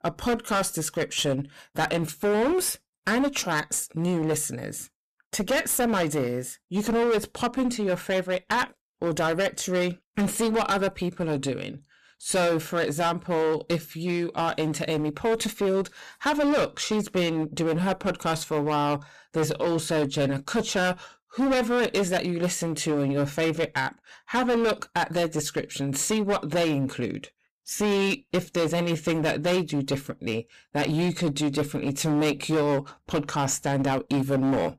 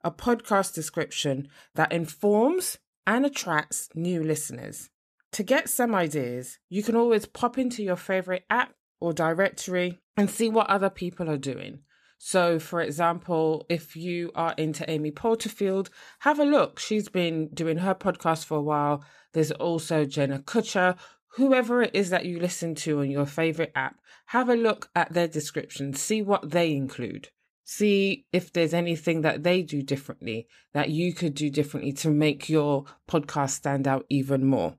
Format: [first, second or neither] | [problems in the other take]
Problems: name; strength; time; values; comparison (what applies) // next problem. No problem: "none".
second | distortion; heavy; 15% of the sound clipped